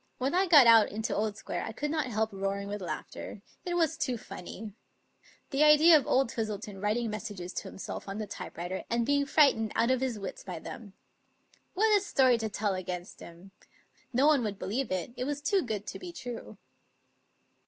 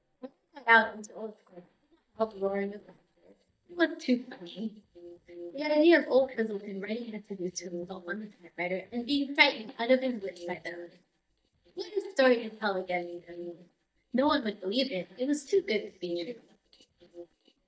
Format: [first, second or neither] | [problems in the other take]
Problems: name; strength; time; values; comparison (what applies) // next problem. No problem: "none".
first | noise reduction (neural mask model DeepFilterNet 3)